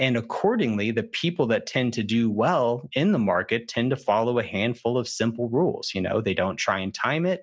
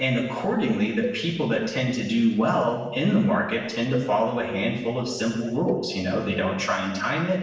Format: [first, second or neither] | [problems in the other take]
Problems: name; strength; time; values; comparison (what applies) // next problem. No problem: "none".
first | background sound (Cowbell); 14 dB below the speech // room echo; dies away in 1 s